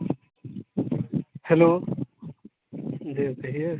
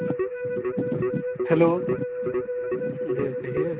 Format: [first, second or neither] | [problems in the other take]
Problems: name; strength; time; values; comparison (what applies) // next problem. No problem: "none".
first | background sound (Keyboard (musical)); as loud as the speech